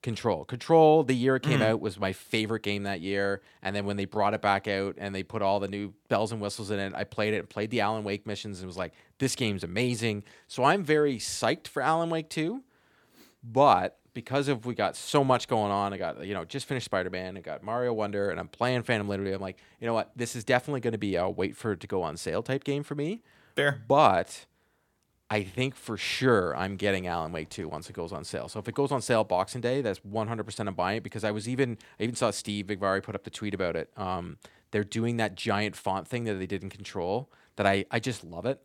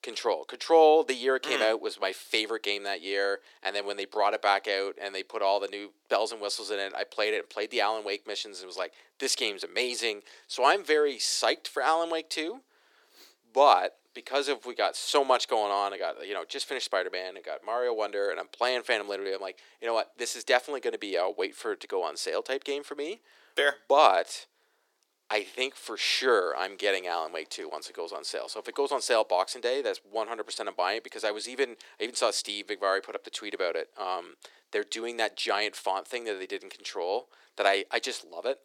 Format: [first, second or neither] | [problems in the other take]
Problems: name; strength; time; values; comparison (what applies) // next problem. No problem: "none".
first | thin; very; fading below 350 Hz